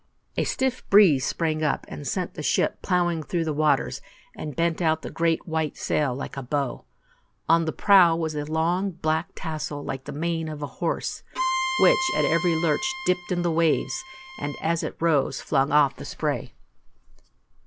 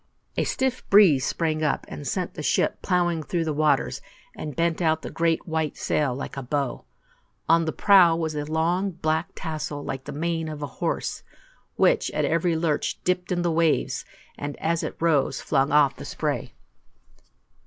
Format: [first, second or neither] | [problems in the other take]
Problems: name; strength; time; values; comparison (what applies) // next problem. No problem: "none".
second | background sound (Bowed string instrument); 6 dB below the speech